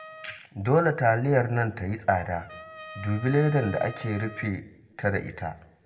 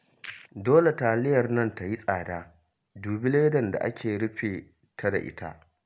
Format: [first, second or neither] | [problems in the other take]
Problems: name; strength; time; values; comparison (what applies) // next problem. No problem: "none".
second | background sound (Trumpet); 20 dB below the speech // room echo; dies away in 1.1 s